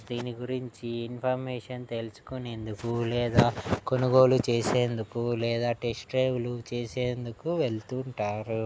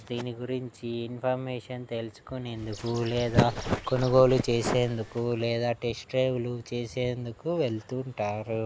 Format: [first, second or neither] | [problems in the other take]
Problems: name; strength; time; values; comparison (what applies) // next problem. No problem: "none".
first | background sound (Bird); 15 dB below the speech